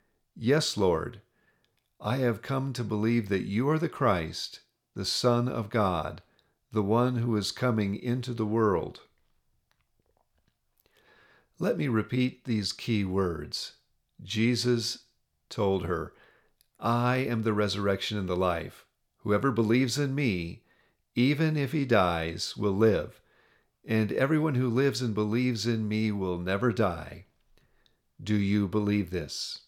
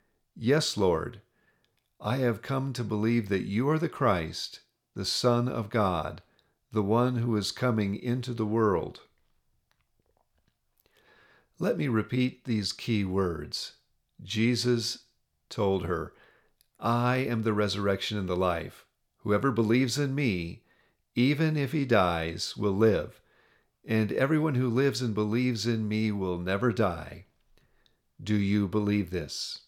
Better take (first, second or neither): neither